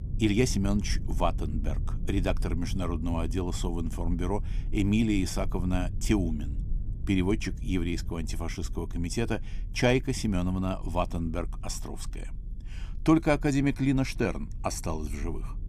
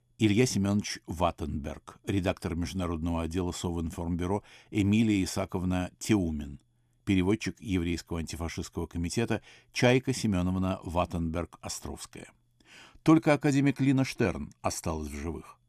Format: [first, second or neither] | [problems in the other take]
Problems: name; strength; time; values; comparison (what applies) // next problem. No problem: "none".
second | low rumble; faint; throughout; 20 dB below the speech